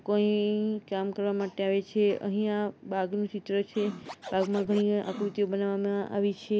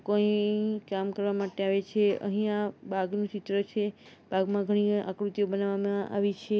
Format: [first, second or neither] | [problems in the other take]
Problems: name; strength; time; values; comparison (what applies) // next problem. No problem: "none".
second | background sound (Scratching (performance technique)); 15 dB below the speech